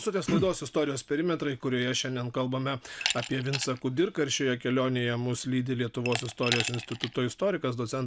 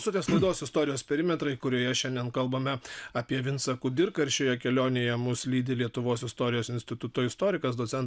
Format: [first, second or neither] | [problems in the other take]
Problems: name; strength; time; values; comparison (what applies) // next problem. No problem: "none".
second | background sound (Glass); 11 dB below the speech